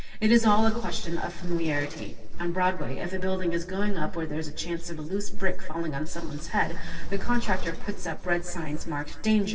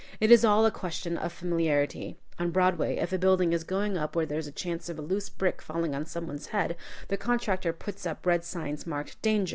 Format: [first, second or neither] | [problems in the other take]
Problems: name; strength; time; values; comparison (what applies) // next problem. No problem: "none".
second | noise reduction (neural separator model SepFormer DNS4)